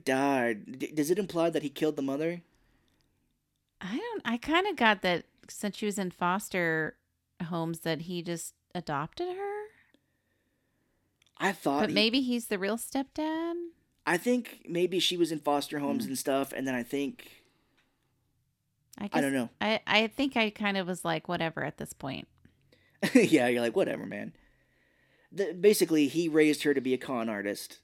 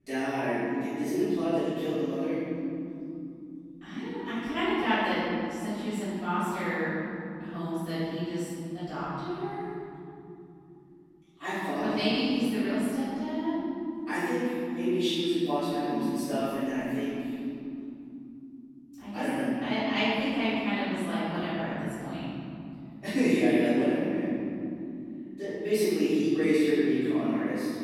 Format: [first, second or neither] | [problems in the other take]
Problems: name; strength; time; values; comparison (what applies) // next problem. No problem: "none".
first | off-mic speech; far // room echo; strong; dies away in 3 s